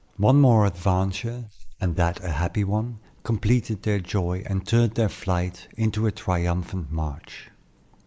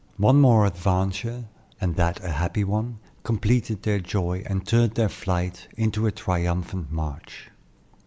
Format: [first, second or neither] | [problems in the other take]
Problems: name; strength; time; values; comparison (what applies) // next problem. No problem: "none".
second | noise reduction (neural mask model Resemble Enhance denoiser)